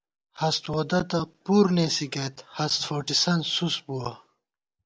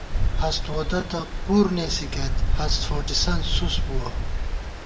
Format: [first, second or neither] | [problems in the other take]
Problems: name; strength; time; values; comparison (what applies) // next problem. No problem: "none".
first | background sound (Stream); 3 dB above the speech // room echo; dies away in 0.9 s